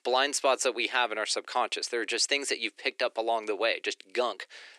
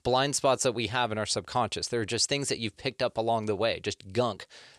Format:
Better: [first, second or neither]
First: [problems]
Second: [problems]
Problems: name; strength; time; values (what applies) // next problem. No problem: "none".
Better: second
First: thin; somewhat; fading below 300 Hz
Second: none